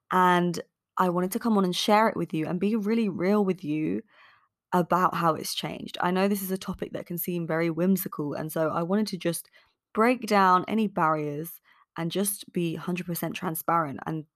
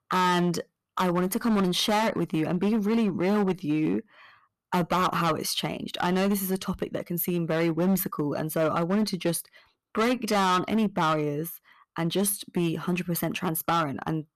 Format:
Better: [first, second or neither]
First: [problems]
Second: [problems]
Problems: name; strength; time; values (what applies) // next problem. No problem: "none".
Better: first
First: none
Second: distortion; heavy; 10% of the sound clipped